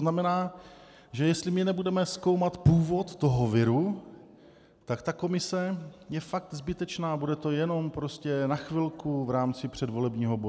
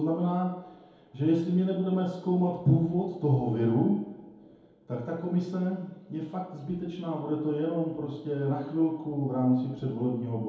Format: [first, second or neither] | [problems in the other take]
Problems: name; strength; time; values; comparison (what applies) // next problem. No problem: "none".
first | room echo; dies away in 2 s